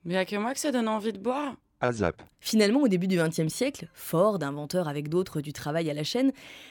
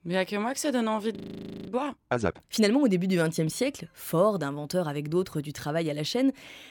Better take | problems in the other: first | audio freezing; at 1 s for 0.5 s

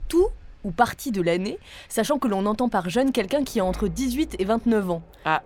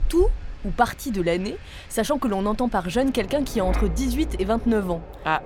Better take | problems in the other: first | wind in the background; loud; throughout; 10 dB below the speech; faint in the first

